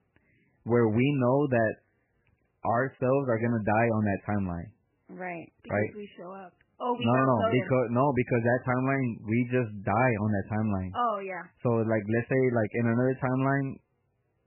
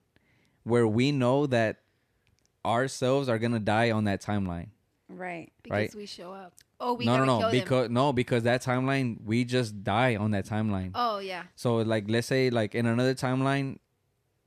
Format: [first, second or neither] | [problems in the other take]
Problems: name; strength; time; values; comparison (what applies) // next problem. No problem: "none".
second | garbled, watery; badly; nothing above 3 kHz